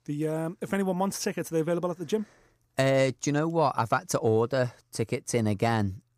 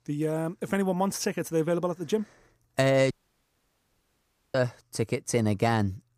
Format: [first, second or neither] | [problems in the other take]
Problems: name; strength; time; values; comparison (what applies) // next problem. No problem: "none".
first | audio cutting out; at 3 s for 1.5 s